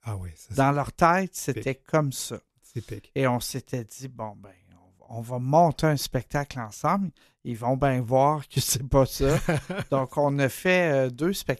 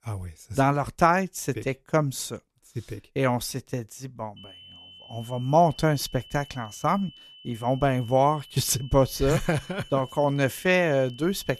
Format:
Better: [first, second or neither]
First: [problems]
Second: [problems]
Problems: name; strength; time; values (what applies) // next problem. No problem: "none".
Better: first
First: none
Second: high-pitched whine; faint; from 4.5 s on; 3 kHz, 20 dB below the speech